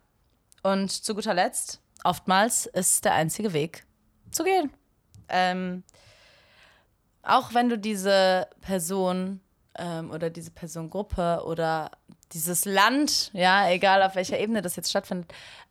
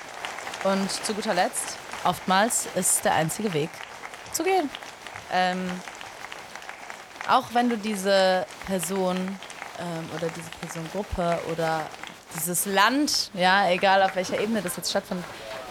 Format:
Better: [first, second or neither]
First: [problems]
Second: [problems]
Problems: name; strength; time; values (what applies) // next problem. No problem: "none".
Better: first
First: none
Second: crowd noise; noticeable; throughout; 15 dB below the speech